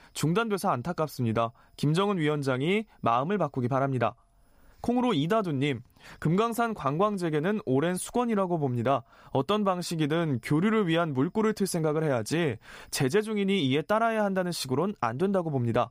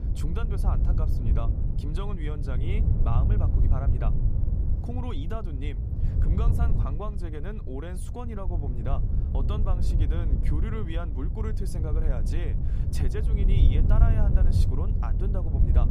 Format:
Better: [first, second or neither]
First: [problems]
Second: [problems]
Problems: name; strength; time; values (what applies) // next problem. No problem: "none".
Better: first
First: none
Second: wind noise on the microphone; heavy; 2 dB below the speech